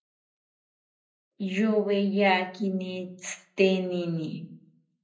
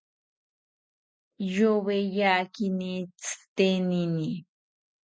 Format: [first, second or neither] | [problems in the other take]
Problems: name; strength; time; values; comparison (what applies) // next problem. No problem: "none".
second | room echo; dies away in 0.5 s